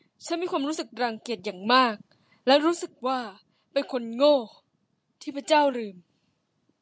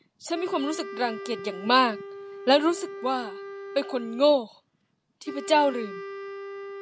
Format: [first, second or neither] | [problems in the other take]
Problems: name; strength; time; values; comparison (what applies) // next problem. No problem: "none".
first | background sound (Wind instrument, woodwind instrument); 12 dB below the speech